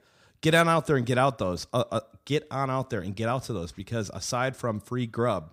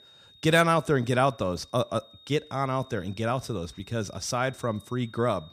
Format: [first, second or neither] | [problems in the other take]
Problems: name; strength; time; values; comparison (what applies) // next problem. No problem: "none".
first | high-pitched whine; faint; throughout; 3.5 kHz, 25 dB below the speech